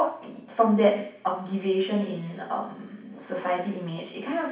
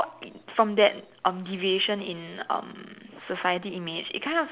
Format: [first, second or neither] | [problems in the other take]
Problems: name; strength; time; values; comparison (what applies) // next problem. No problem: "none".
second | room echo; dies away in 0.6 s